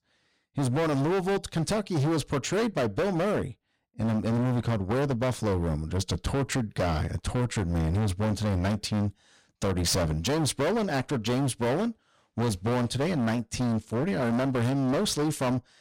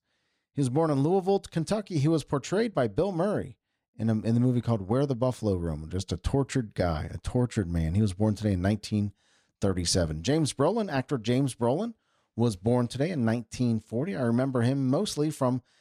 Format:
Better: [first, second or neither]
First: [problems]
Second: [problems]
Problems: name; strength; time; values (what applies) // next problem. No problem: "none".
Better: second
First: distortion; heavy; 28% of the sound clipped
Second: none